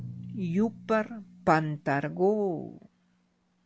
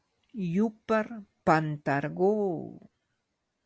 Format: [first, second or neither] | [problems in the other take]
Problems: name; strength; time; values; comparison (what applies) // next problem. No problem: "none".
second | background sound (Drum); 17 dB below the speech